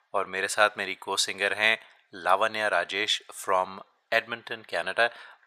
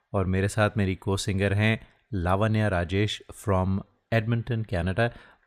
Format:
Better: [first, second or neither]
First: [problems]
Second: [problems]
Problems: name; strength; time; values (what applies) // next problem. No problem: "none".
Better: second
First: thin; very; fading below 850 Hz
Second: none